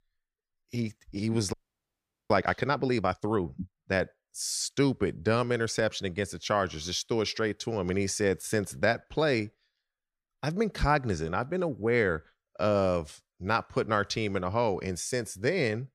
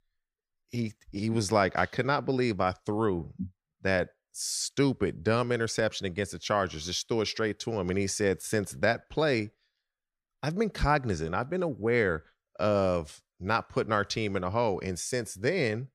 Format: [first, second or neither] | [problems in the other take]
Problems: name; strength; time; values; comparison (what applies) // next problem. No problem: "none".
second | audio freezing; at 1.5 s for 1 s